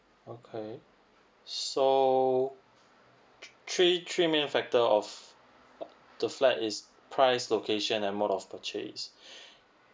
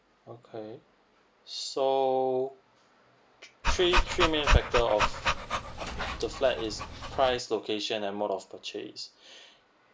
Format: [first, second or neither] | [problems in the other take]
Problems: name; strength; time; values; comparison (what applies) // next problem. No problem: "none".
first | background sound (Dog); 3 dB above the speech